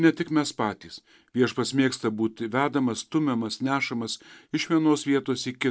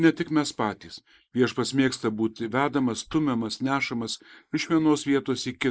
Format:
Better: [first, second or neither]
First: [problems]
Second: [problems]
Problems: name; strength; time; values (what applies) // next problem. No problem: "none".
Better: first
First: none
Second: noise reduction (neural mask model Resemble Enhance denoiser)